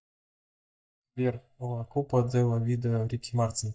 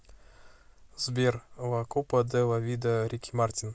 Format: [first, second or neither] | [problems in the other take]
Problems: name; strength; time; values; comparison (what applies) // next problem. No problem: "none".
second | noise reduction (neural mask model DeepFilterNet 3)